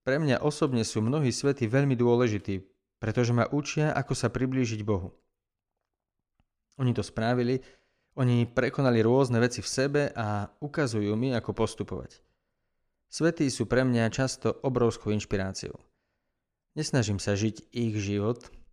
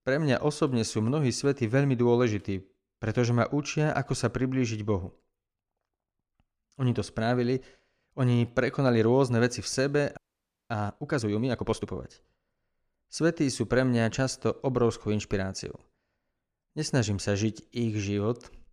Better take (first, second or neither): first